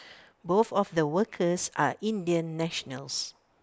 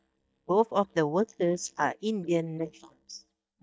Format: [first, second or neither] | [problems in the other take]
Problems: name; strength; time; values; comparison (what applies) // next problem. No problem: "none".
first | noise reduction (neural mask model DeepFilterNet 3)